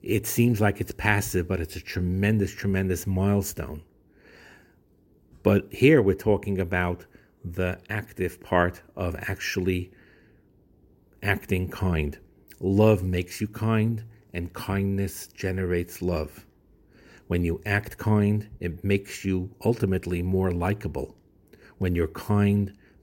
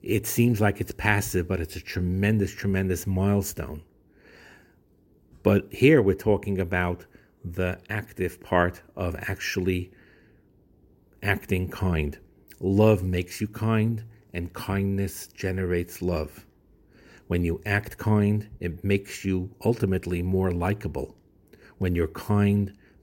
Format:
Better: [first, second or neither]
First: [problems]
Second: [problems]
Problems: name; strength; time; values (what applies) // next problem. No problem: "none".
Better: neither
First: none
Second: none